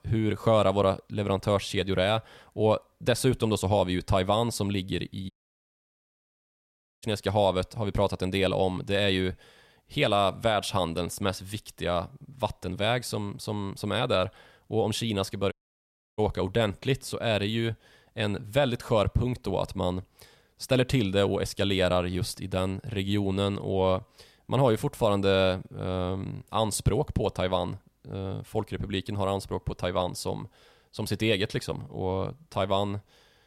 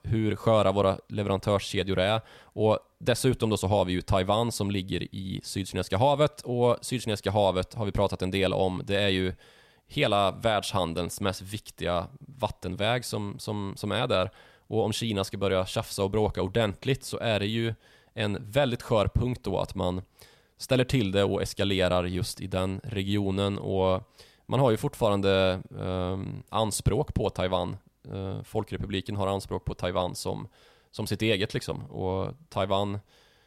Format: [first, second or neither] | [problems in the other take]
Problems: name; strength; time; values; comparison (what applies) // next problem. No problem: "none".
second | audio cutting out; at 5.5 s for 1.5 s and at 16 s for 0.5 s